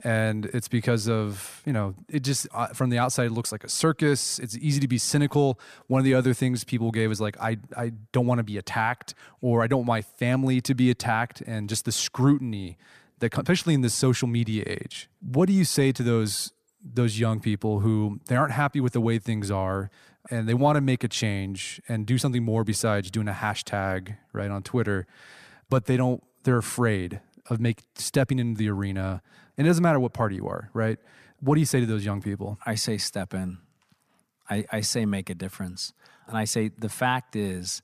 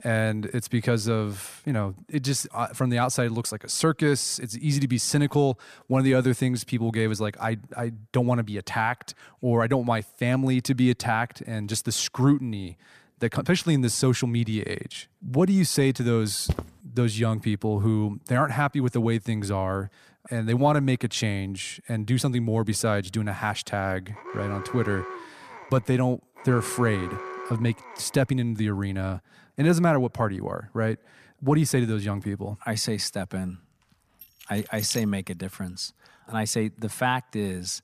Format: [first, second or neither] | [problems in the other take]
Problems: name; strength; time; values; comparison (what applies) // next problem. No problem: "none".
first | footsteps; noticeable; at 16 s; peak 6 dB below the speech // alarm; noticeable; from 24 to 28 s; peak 10 dB below the speech // jangling keys; faint; at 34 s; peak 10 dB below the speech